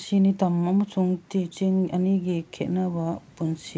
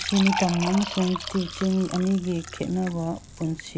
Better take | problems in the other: first | background sound (Fill (with liquid) / Trickle, dribble); 9 dB below the speech

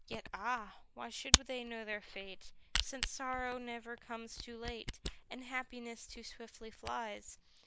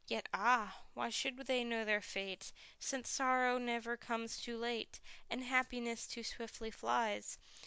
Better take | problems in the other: second | noise reduction (neural mask model Resemble Enhance denoiser)

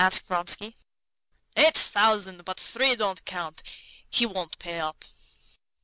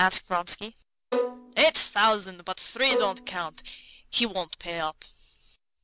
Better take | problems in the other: first | background sound (Bowed string instrument); 5 dB below the speech

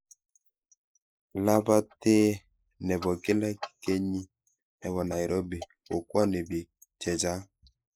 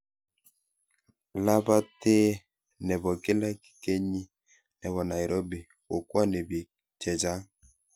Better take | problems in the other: second | noise reduction (neural mask model Resemble Enhance denoiser)

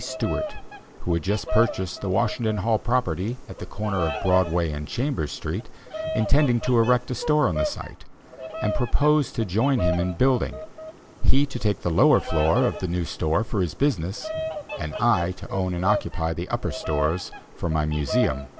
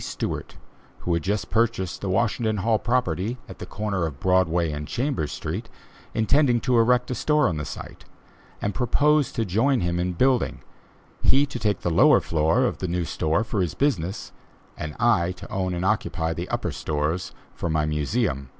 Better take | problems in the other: second | background sound (Bird vocalization, bird call, bird song); 11 dB below the speech

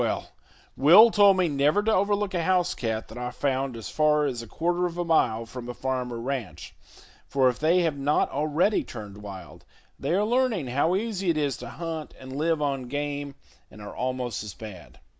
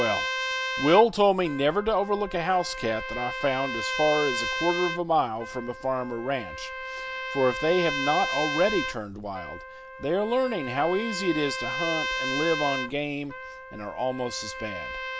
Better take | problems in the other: first | background sound (Trumpet); 6 dB below the speech

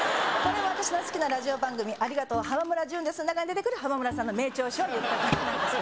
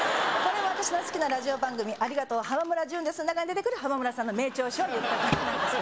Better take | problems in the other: second | background sound (Bowed string instrument); 16 dB below the speech

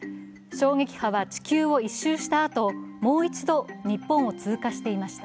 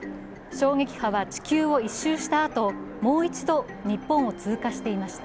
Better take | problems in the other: first | background sound (Train); 16 dB below the speech

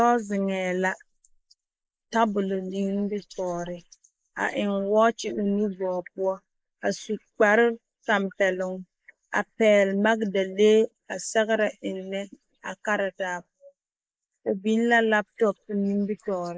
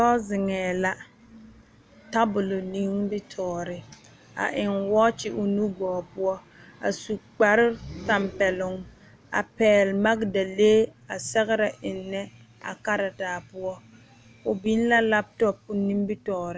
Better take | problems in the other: second | noise reduction (neural mask model Resemble Enhance denoiser)

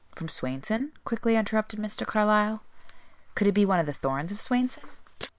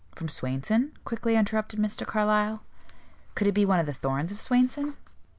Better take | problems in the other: second | noise reduction (neural separator model SepFormer WHAM!)

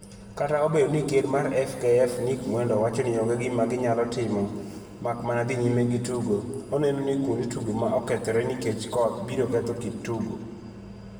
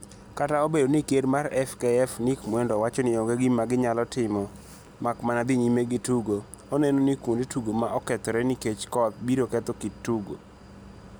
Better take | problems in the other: second | room echo; dies away in 1.5 s

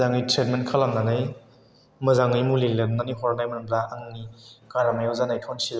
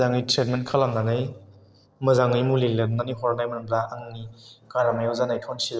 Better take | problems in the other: first | noise reduction (neural separator model SepFormer DNS4)

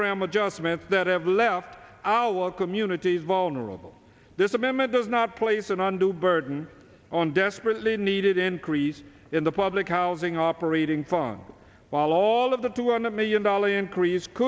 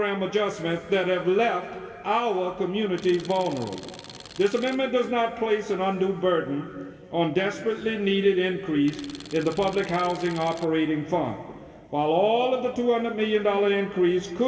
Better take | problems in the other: first | background sound (Tools); 19 dB below the speech // room echo; dies away in 2.3 s

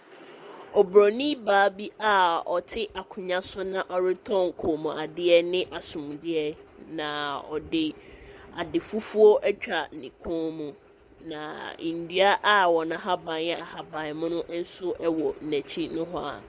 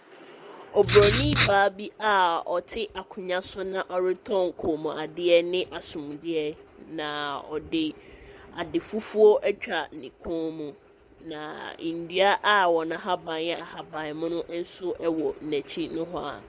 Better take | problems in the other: first | background sound (Writing); 1 dB above the speech

